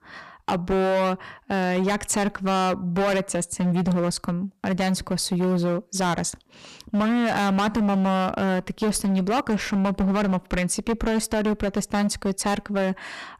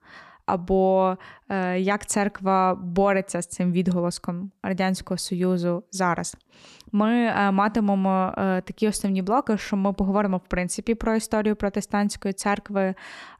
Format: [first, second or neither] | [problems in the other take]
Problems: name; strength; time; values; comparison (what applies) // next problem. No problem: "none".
second | distortion; heavy; 20% of the sound clipped